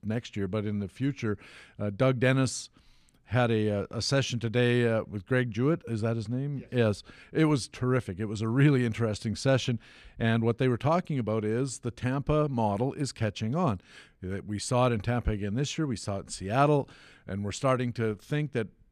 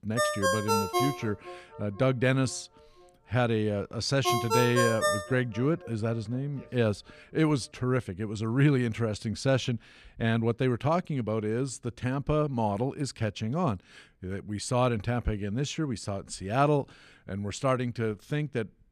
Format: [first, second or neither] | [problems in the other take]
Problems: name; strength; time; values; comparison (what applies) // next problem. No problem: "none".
first | phone ringing; loud; until 5.5 s; peak 3 dB above the speech